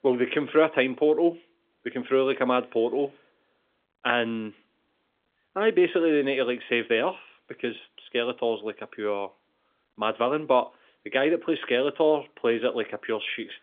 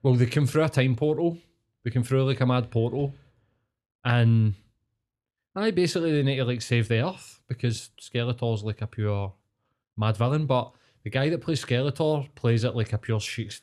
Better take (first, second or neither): second